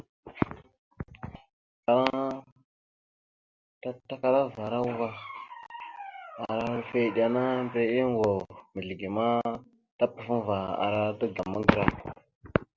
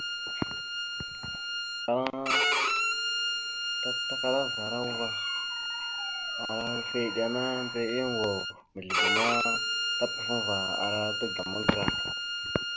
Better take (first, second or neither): first